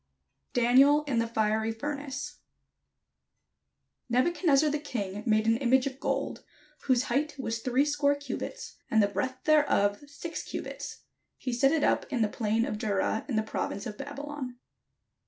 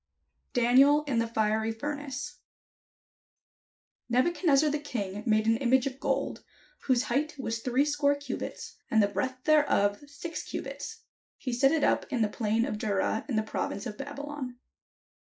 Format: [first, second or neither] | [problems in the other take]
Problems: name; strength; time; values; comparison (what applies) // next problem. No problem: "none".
first | noise reduction (neural mask model Resemble Enhance denoiser)